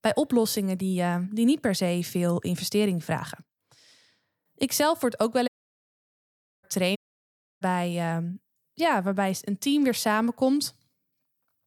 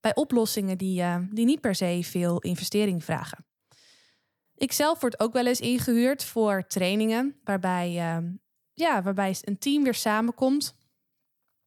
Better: second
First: audio cutting out; at 5.5 s for 1 s and at 7 s for 0.5 s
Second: none

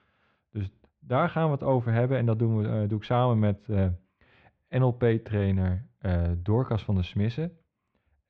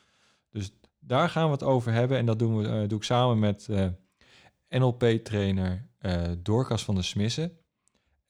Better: second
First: muffled; very; fading above 2.5 kHz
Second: none

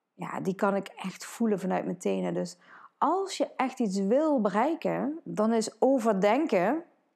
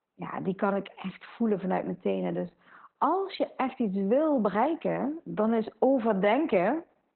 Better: first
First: none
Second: garbled, watery; badly; nothing above 4 kHz

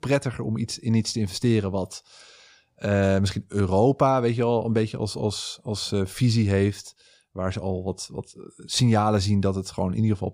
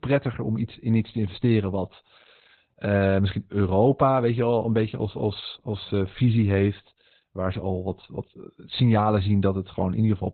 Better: first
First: none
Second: garbled, watery; badly; nothing above 4 kHz

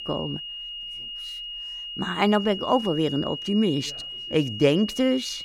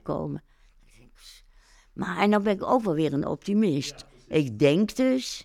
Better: second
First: high-pitched whine; loud; throughout; 3 kHz, 8 dB below the speech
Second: none

